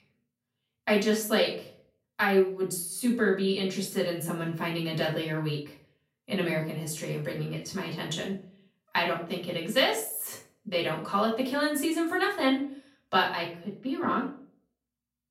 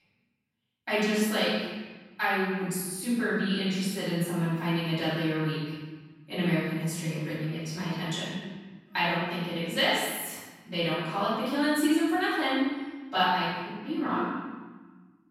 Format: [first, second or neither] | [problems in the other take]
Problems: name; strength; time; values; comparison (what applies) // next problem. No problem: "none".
first | room echo; strong; dies away in 1.3 s; slight in the first // off-mic speech; far; far in the first